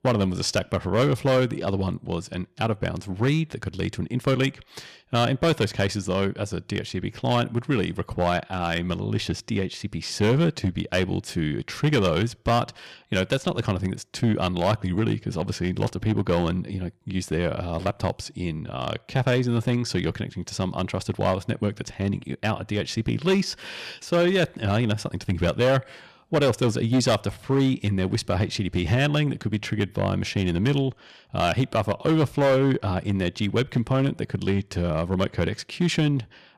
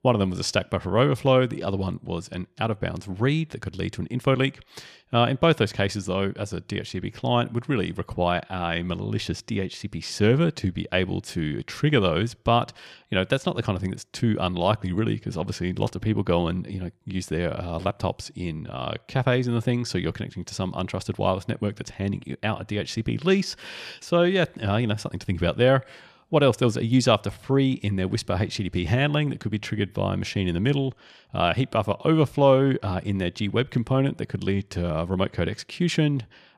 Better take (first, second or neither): second